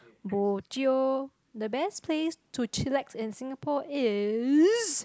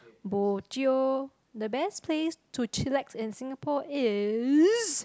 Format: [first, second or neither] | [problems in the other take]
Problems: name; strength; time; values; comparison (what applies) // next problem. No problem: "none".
second | noise reduction (neural mask model Resemble Enhance denoiser)